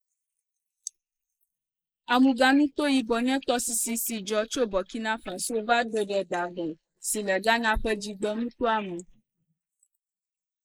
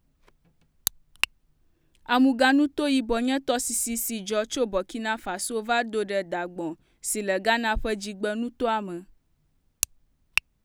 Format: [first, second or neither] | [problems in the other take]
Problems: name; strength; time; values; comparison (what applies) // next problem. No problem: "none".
second | noise reduction (neural mask model Resemble Enhance denoiser)